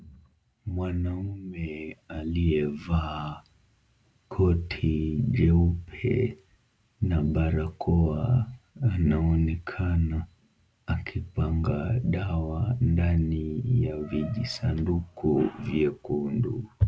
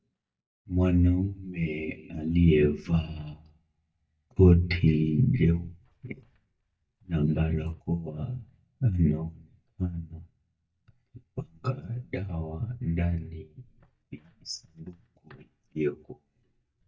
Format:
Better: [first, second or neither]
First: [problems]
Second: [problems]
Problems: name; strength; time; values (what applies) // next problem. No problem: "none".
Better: first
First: none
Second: noise reduction (neural mask model DeepFilterNet 3)